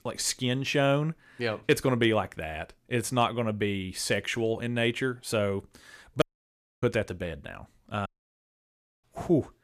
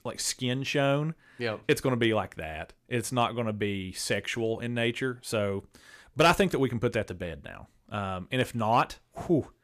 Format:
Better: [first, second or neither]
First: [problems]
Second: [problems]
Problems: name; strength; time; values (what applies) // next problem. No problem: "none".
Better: second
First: audio cutting out; at 6 s for 0.5 s and at 8 s for 1 s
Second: none